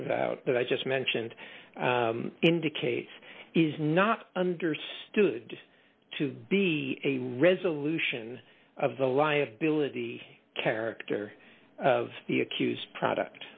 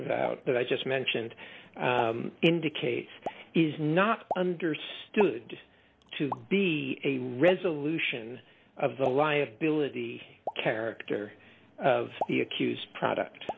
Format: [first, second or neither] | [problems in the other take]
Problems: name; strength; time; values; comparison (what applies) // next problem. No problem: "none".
first | background sound (Explosion); 14 dB below the speech